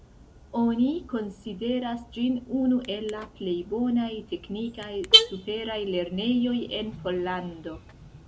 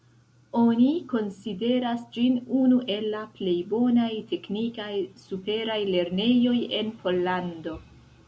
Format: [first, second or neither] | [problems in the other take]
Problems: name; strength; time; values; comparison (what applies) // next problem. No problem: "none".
second | background sound (Alarm / Car); 3 dB below the speech